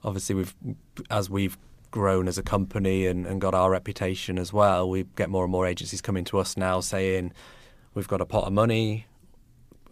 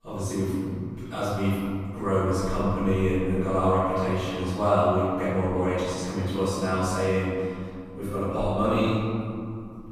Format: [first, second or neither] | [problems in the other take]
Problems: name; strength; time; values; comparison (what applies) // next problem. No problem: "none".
first | room echo; strong; dies away in 2.3 s // off-mic speech; far